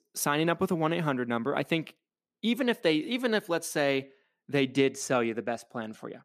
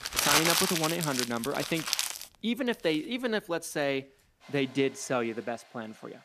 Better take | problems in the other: first | household noises; very loud; throughout; 3 dB above the speech

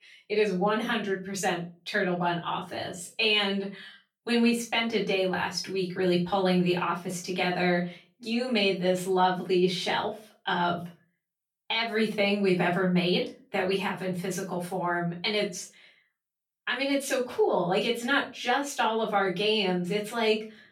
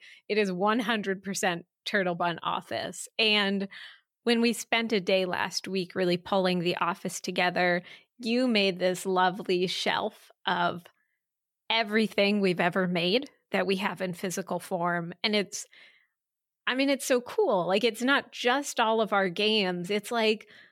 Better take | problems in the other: second | off-mic speech; far // room echo; slight; dies away in 0.3 s

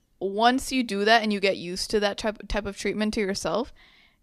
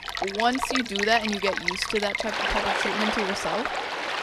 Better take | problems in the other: first | rain or running water; very loud; throughout; 1 dB above the speech

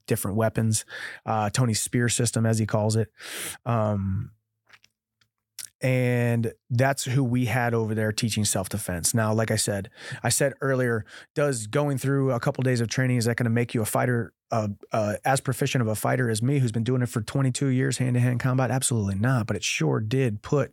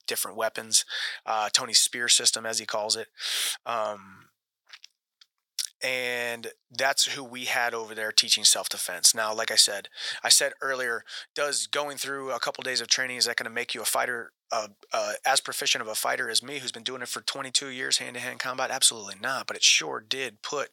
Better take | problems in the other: first | thin; very; fading below 750 Hz

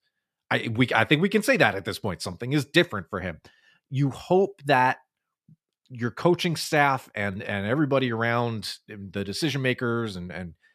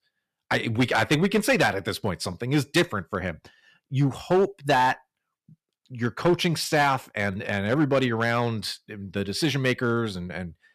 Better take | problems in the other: first | distortion; slight; 3% of the sound clipped

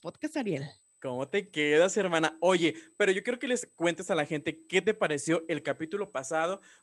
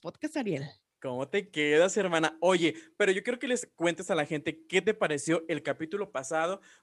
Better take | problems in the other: second | high-pitched whine; faint; throughout; 8 kHz, 35 dB below the speech

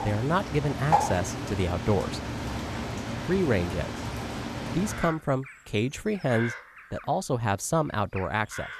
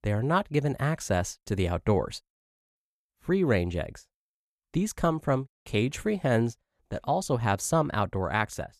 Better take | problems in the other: second | animal sounds; loud; throughout; 4 dB below the speech

